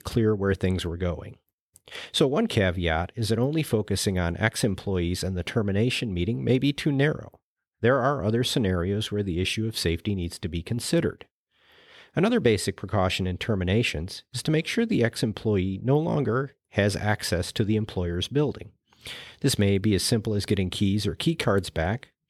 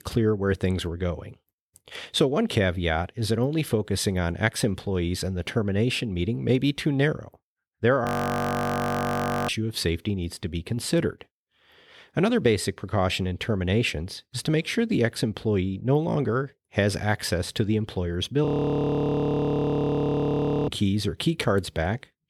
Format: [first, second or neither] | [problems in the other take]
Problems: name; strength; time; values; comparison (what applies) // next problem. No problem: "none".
first | audio freezing; at 8 s for 1.5 s and at 18 s for 2 s